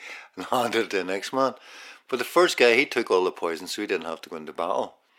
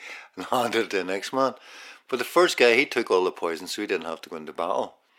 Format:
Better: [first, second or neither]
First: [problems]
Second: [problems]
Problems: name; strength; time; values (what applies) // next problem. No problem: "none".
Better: neither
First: thin; somewhat; fading below 350 Hz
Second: thin; somewhat; fading below 350 Hz